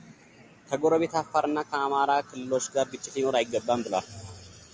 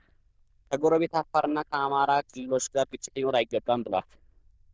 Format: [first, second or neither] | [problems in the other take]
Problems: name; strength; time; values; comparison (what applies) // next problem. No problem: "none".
first | noise reduction (neural diffusion model UNIVERSE++)